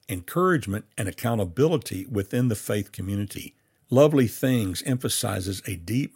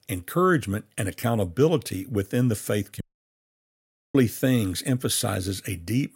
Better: first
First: none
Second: audio cutting out; at 3 s for 1 s

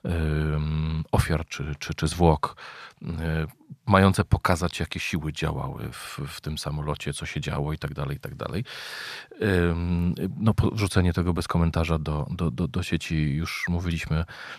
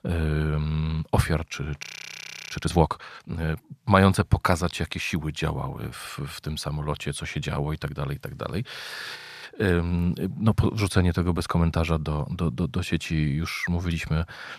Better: first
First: none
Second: audio freezing; at 2 s for 0.5 s and at 9 s

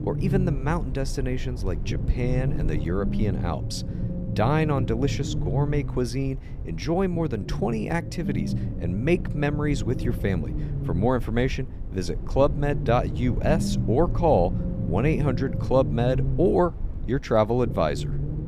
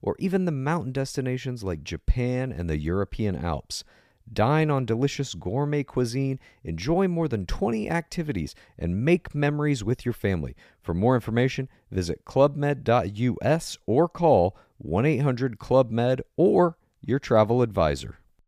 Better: second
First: low rumble; noticeable; throughout; 10 dB below the speech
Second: none

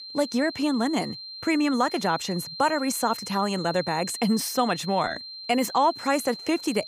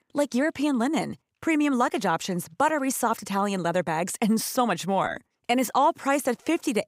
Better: second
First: high-pitched whine; noticeable; throughout; 4 kHz, 10 dB below the speech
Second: none

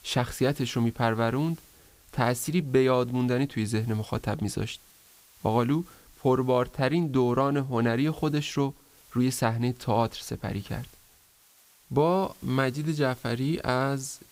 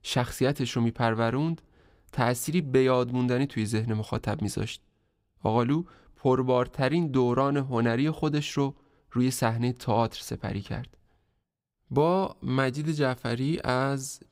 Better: second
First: hiss; faint; throughout; 25 dB below the speech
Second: none

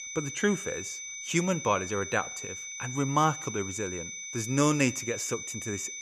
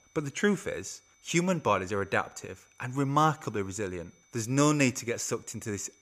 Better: second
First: high-pitched whine; loud; throughout; 6 kHz, 7 dB below the speech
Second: high-pitched whine; faint; throughout; 6 kHz, 30 dB below the speech

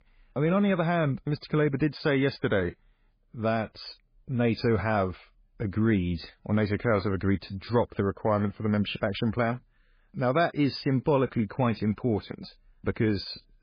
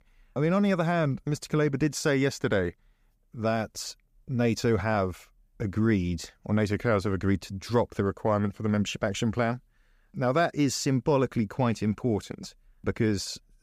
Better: second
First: garbled, watery; badly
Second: none

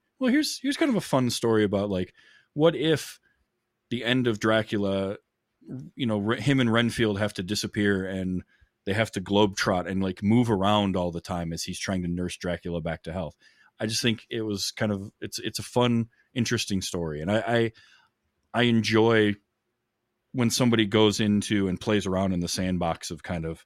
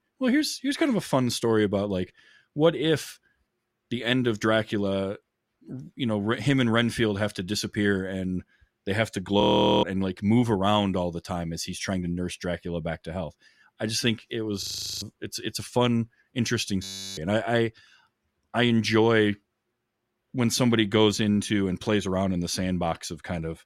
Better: first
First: none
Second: audio freezing; at 9.5 s, at 15 s and at 17 s

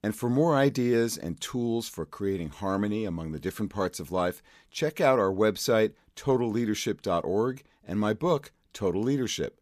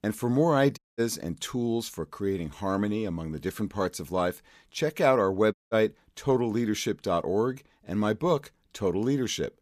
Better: first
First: none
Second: audio cutting out; at 1 s and at 5.5 s

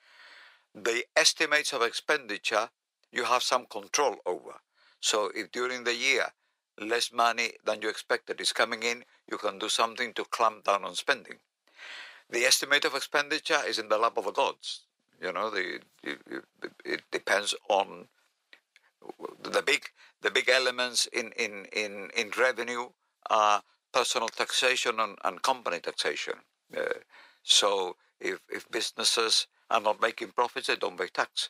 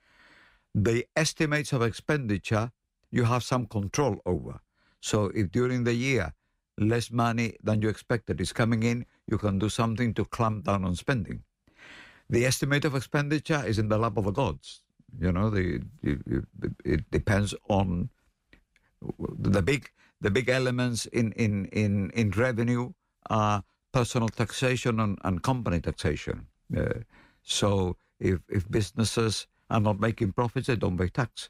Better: second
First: thin; very; fading below 550 Hz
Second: none

